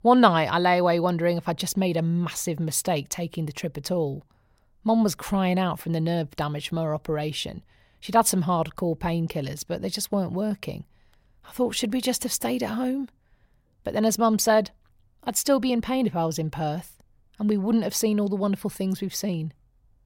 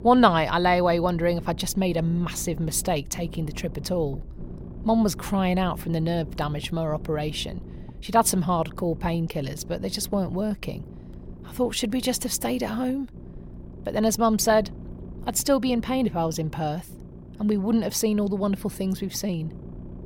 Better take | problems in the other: first | low rumble; faint; throughout; 20 dB below the speech

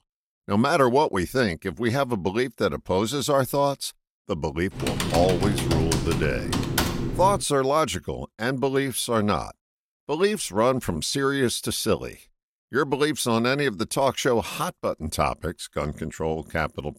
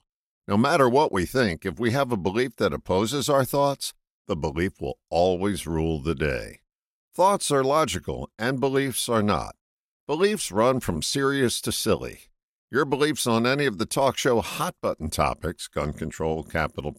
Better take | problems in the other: second | keyboard typing; loud; from 5 to 7.5 s; peak level with the speech

